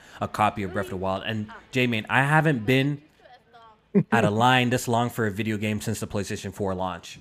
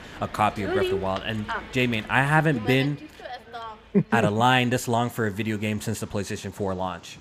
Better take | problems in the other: first | animal sounds; loud; throughout; 9 dB below the speech; faint in the first

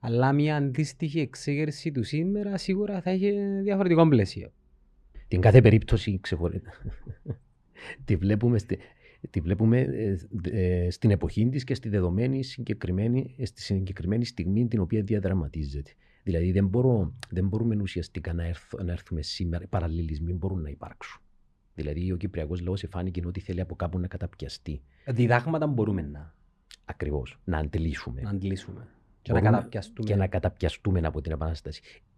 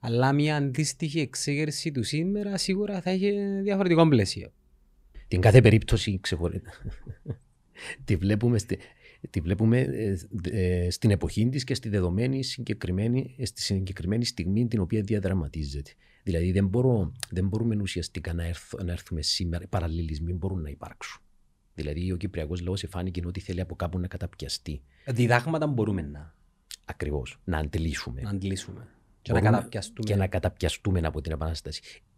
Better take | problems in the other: second | muffled; slightly; fading above 2 kHz

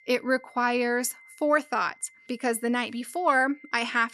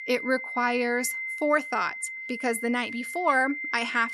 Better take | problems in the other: first | high-pitched whine; loud; throughout; 2 kHz, 7 dB below the speech; faint in the first

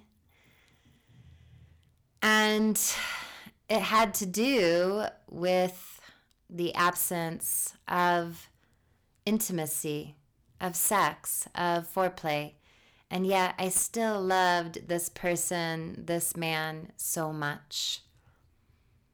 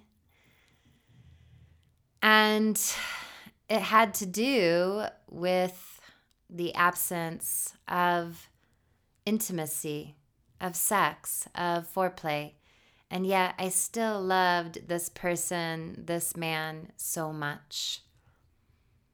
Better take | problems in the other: second | distortion; slight; 3% of the sound clipped

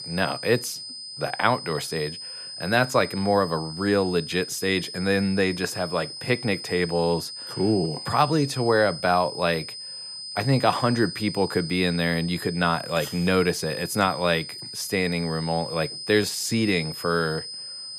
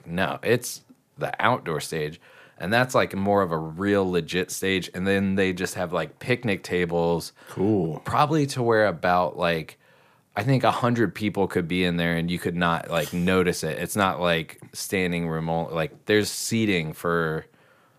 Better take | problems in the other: second | high-pitched whine; loud; throughout; 5 kHz, 10 dB below the speech

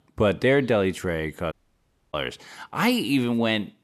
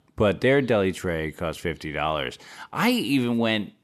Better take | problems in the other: second | audio cutting out; at 1.5 s for 0.5 s

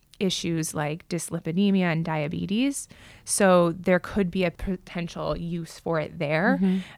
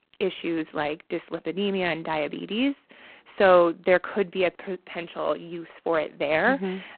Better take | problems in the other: first | phone-call audio; poor line; nothing above 4 kHz

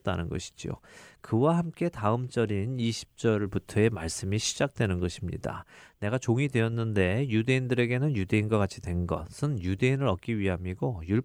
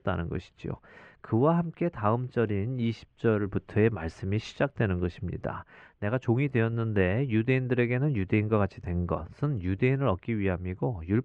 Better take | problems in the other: first | muffled; very; fading above 2 kHz

